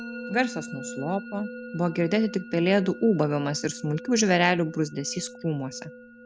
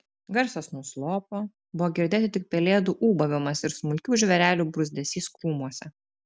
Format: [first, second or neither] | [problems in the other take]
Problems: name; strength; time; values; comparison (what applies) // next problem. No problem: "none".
second | background sound (Bass guitar + Musical instrument); 14 dB below the speech